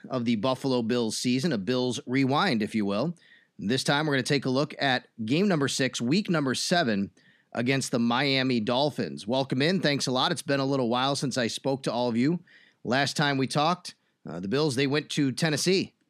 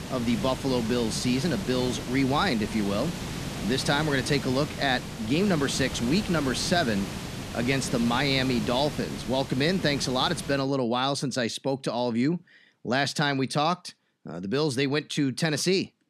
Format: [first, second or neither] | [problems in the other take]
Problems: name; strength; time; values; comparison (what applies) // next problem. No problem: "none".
first | hiss; loud; until 11 s; 8 dB below the speech